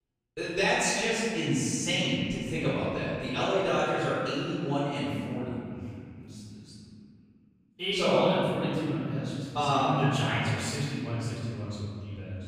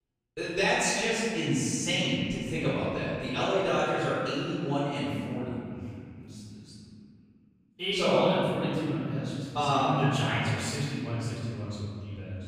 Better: neither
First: off-mic speech; far // room echo; strong; dies away in 2.3 s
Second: off-mic speech; far // room echo; strong; dies away in 2.3 s

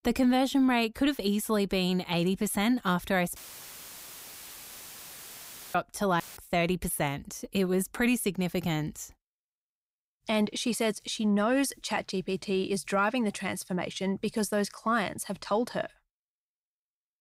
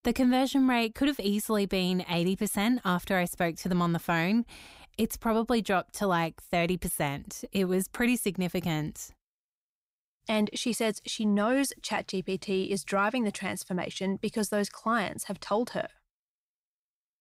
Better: second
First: audio cutting out; filled with static; at 3.5 s for 2.5 s and at 6 s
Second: none

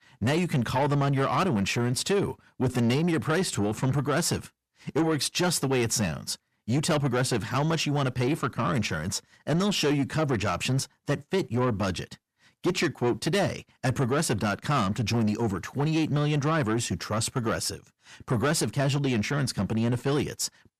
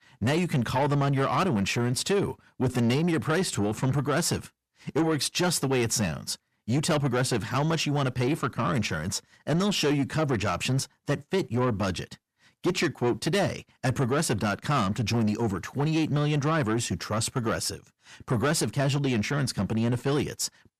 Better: neither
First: distortion; slight; 10 dB below the speech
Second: distortion; slight; 10 dB below the speech

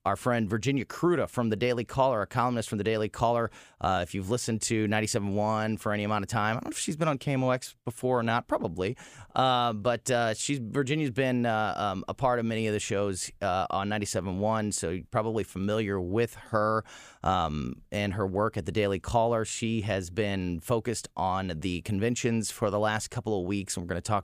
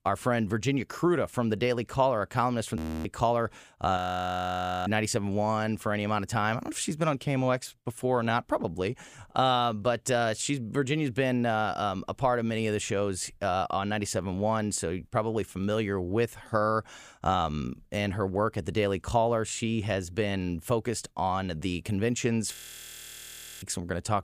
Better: first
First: none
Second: audio freezing; at 3 s, at 4 s for 1 s and at 23 s for 1 s

